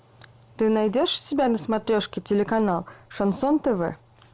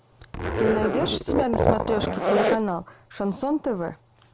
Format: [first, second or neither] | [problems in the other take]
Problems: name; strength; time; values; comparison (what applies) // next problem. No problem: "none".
first | background sound (Zipper (clothing)); 3 dB above the speech